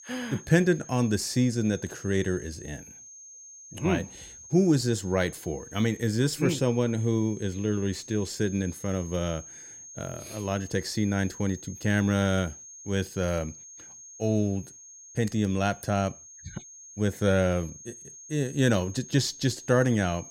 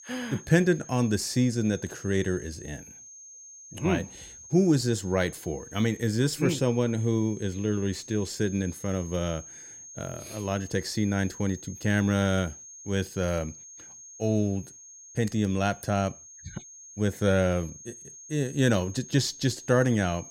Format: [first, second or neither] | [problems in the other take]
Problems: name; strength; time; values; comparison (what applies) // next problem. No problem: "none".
neither | high-pitched whine; noticeable; throughout; 6.5 kHz, 15 dB below the speech; the same in both